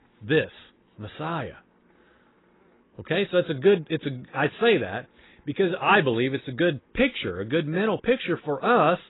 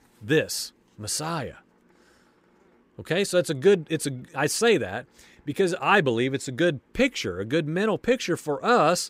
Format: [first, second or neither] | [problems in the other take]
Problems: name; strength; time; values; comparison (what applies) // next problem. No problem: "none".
second | garbled, watery; badly; nothing above 4 kHz